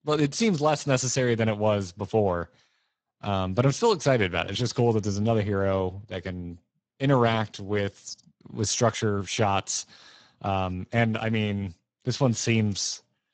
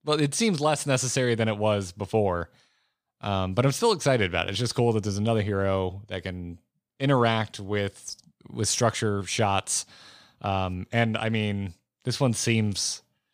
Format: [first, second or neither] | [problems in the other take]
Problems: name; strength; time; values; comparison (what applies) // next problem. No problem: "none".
second | garbled, watery; badly; nothing above 7.5 kHz